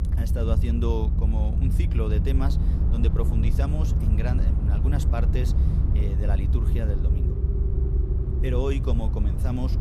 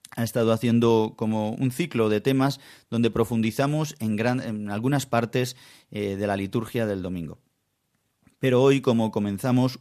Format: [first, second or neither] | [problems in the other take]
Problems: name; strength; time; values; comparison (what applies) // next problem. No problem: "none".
second | low rumble; loud; throughout; 3 dB below the speech